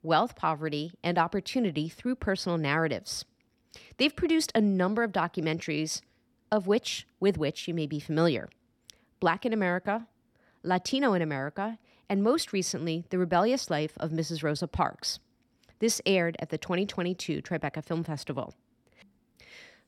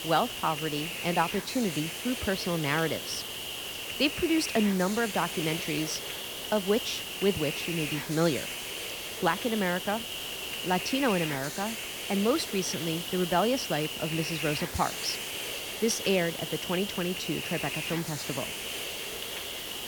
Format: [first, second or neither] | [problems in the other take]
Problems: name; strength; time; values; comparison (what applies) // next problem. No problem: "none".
first | hiss; loud; throughout; 4 dB below the speech